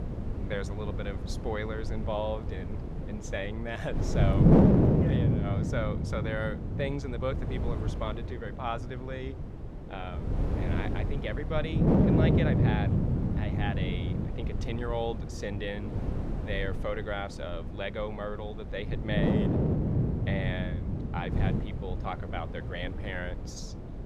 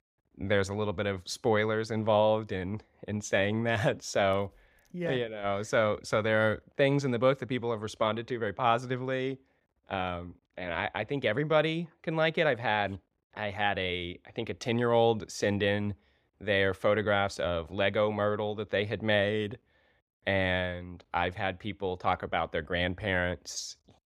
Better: second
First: wind noise on the microphone; heavy; as loud as the speech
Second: none

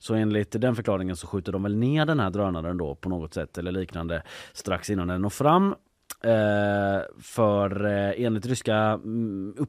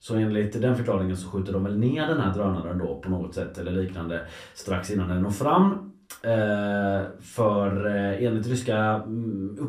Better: first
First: none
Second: off-mic speech; somewhat distant // room echo; very slight; dies away in 0.3 s

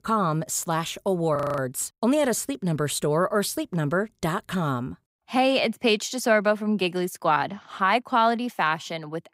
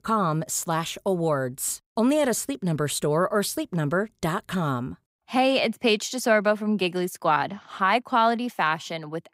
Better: second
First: audio freezing; at 1.5 s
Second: none

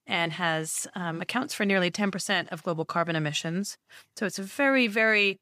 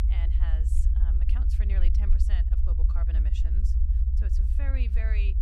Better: first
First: none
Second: low rumble; loud; throughout; 1 dB below the speech

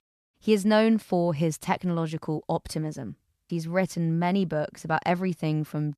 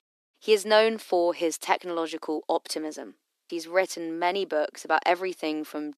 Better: first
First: none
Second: thin; very; fading below 300 Hz

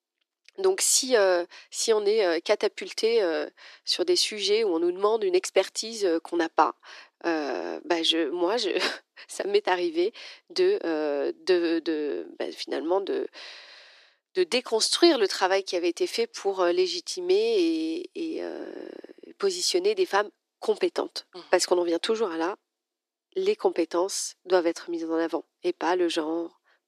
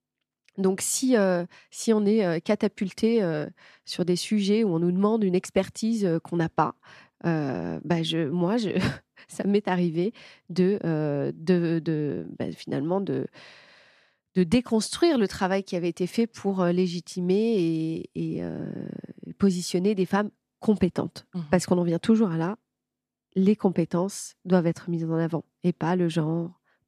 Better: second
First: thin; very; fading below 350 Hz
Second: none

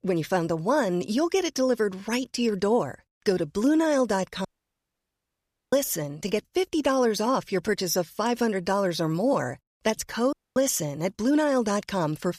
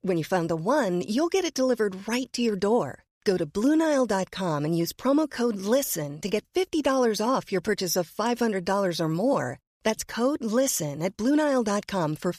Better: second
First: audio cutting out; at 4.5 s for 1.5 s and at 10 s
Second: none

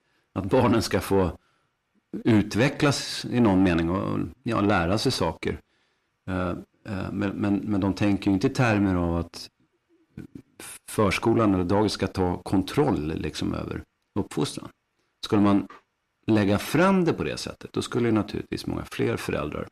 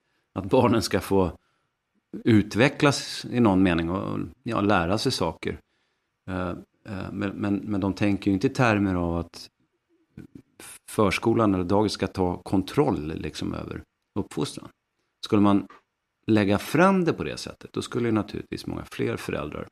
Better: second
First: distortion; slight; 10 dB below the speech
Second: none

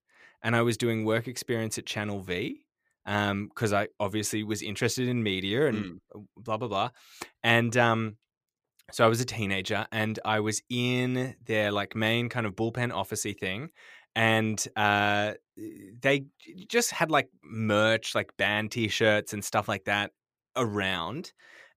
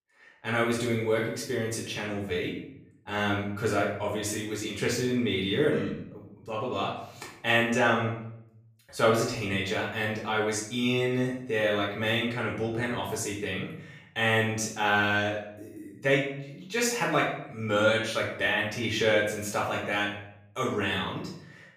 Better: first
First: none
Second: off-mic speech; far // room echo; noticeable; dies away in 0.6 s

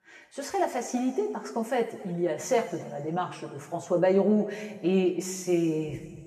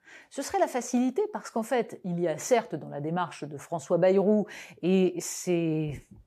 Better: second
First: room echo; slight; dies away in 1.6 s // off-mic speech; somewhat distant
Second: none

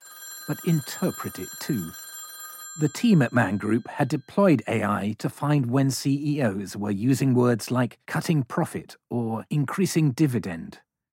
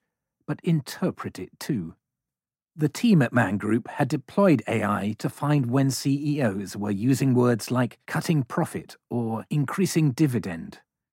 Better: second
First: phone ringing; faint; until 3.5 s; peak 10 dB below the speech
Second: none

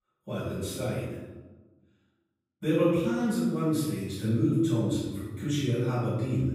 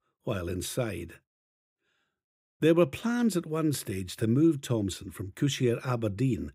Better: second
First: off-mic speech; far // room echo; strong; dies away in 1 s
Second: none

